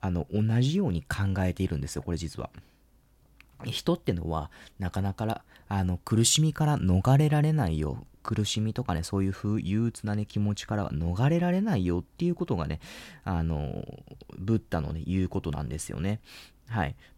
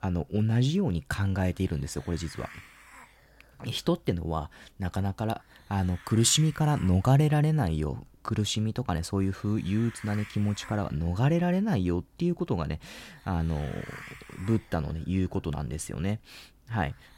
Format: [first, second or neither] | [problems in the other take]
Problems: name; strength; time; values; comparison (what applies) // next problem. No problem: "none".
first | hiss; noticeable; throughout; 20 dB below the speech